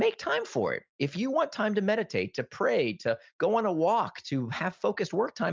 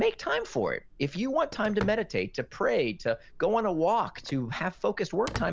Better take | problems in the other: first | background sound (Telephone); 15 dB below the speech

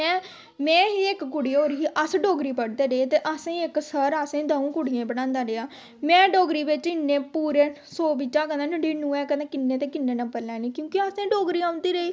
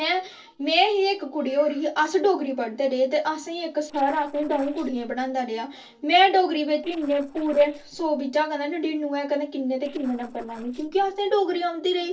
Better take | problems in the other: first | noise reduction (neural separator model SepFormer DNS4)

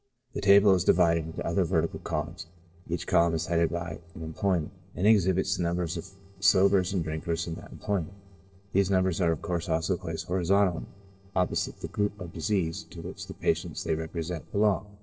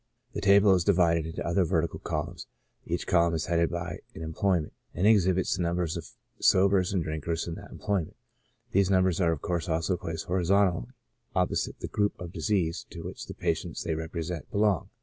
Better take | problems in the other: second | noise reduction (neural separator model SepFormer DNS4)

